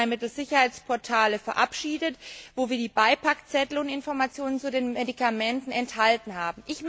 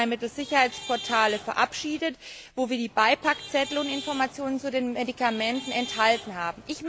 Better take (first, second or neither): first